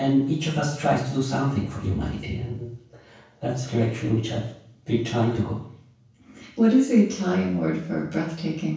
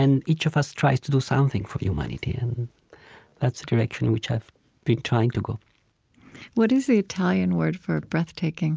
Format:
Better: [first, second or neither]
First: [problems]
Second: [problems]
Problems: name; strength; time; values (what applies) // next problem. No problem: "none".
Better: second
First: room echo; dies away in 0.7 s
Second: none